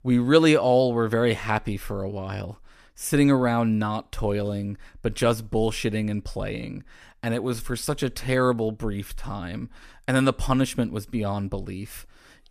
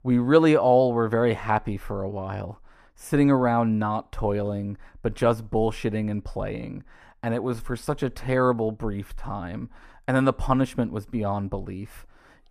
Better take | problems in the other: first | muffled; slightly; fading above 2.5 kHz

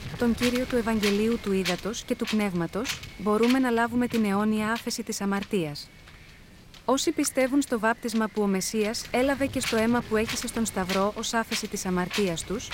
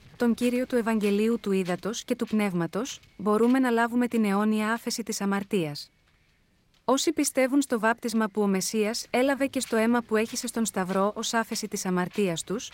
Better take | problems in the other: second | wind noise on the microphone; heavy; 7 dB below the speech; occasional gusts in the second

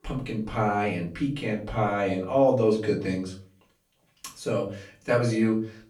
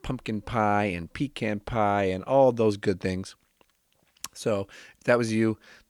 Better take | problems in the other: second | off-mic speech; far // room echo; slight; dies away in 0.4 s

